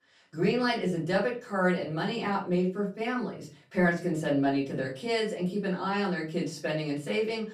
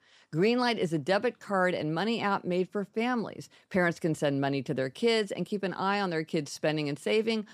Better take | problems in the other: second | off-mic speech; far // room echo; slight; dies away in 0.3 s

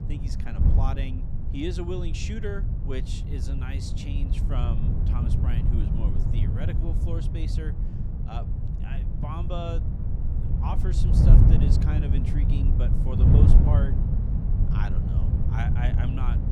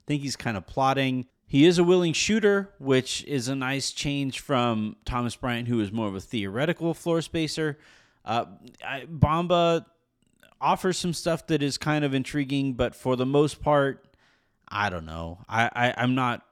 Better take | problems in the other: second | wind noise on the microphone; heavy; as loud as the speech

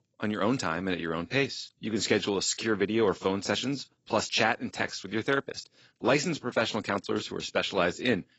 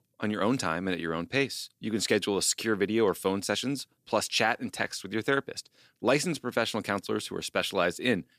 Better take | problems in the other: second | garbled, watery; badly; nothing above 7.5 kHz

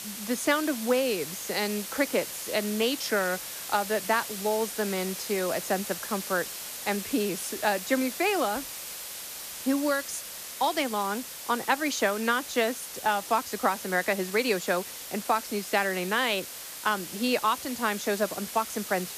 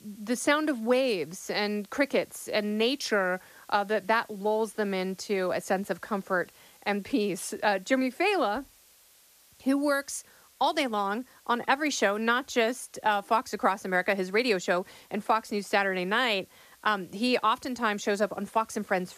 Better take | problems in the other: second | hiss; loud; throughout; 8 dB below the speech; faint in the second

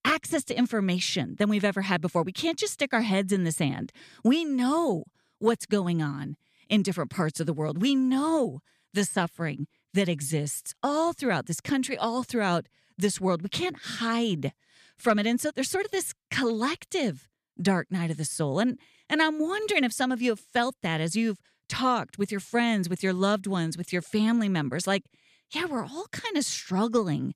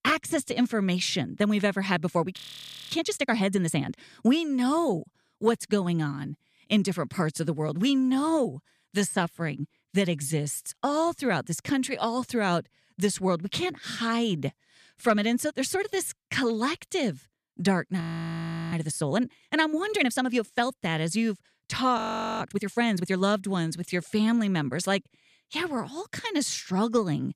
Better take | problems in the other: first | audio freezing; at 2.5 s for 0.5 s, at 18 s for 0.5 s and at 22 s

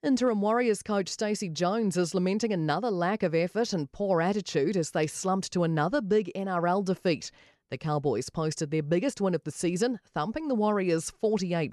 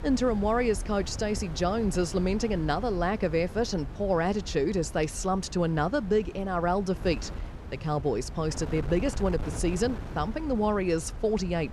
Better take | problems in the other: first | wind noise on the microphone; occasional gusts; 15 dB below the speech

